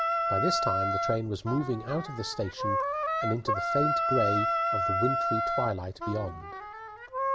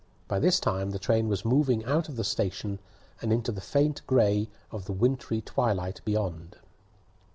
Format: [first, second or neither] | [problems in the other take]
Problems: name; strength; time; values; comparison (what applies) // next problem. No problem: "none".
second | background sound (Wind instrument, woodwind instrument); 3 dB above the speech